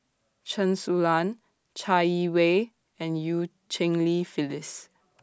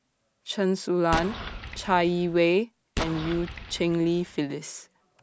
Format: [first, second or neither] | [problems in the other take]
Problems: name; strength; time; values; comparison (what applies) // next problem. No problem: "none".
first | background sound (Explosion); 9 dB below the speech